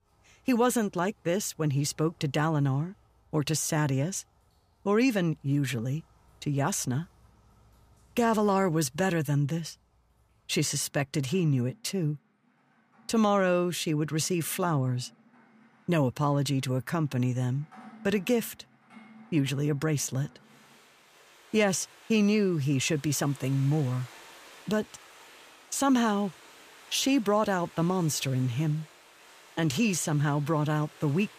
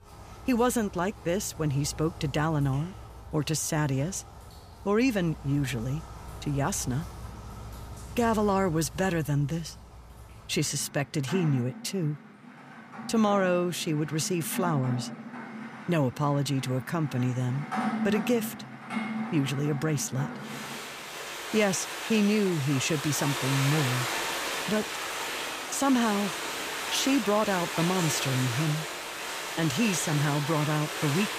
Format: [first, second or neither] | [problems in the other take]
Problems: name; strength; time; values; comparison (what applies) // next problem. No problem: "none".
first | rain or running water; loud; throughout; 6 dB below the speech; faint in the first